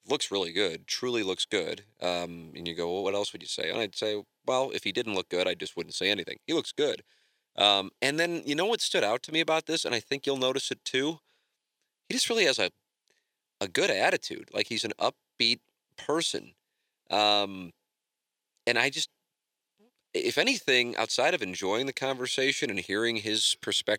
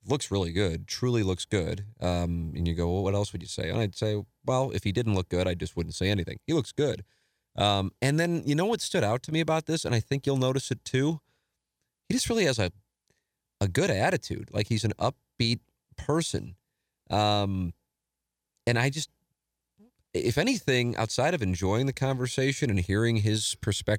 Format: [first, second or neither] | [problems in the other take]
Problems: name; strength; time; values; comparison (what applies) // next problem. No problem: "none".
second | thin; somewhat; fading below 350 Hz